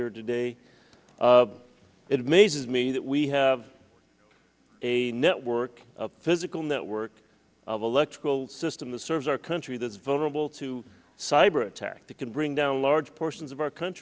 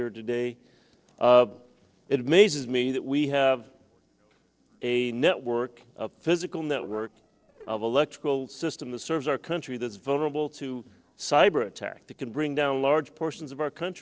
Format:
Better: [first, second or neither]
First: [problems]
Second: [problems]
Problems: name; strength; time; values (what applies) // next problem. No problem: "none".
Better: first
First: none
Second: noise reduction (neural separator model SepFormer DNS4)